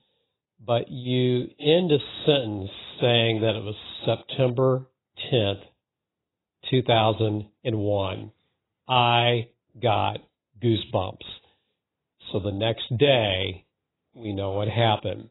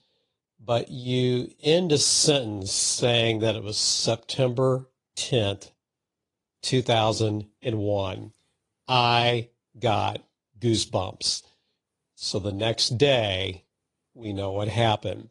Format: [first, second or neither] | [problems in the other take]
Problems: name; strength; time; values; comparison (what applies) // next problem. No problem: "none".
second | garbled, watery; badly; nothing above 4 kHz; slightly in the second